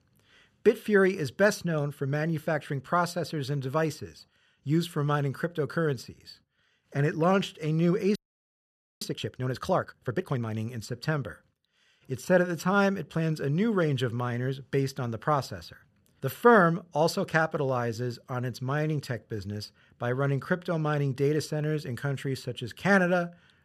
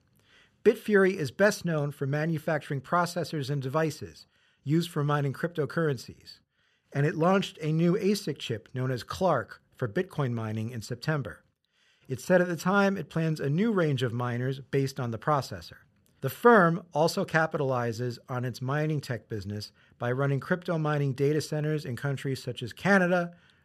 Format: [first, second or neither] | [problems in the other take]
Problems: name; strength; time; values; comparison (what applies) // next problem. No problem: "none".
second | audio freezing; at 8 s for 1 s